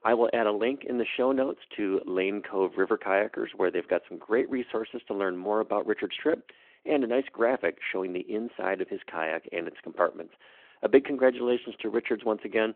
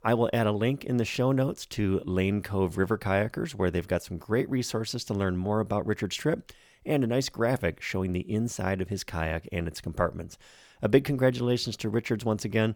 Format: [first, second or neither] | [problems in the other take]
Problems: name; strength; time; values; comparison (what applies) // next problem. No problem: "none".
second | phone-call audio